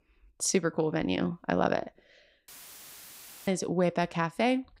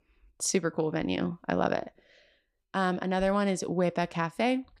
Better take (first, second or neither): second